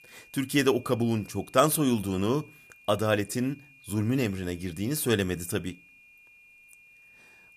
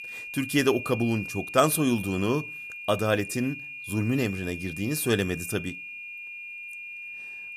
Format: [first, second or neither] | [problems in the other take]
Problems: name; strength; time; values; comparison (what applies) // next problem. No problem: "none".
first | high-pitched whine; loud; throughout; 2.5 kHz, 9 dB below the speech; faint in the first